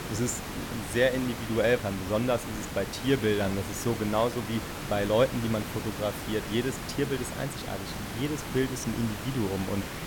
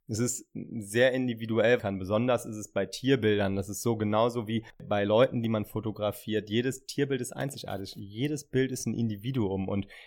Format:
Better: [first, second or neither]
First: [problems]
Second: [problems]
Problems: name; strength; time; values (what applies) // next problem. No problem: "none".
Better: second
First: hiss; loud; throughout; 7 dB below the speech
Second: none